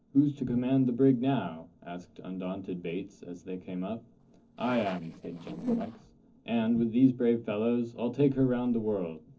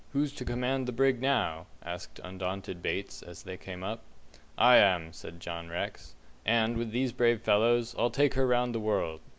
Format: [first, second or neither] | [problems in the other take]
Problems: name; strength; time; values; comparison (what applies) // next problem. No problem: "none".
second | noise reduction (neural separator model SepFormer DNS4)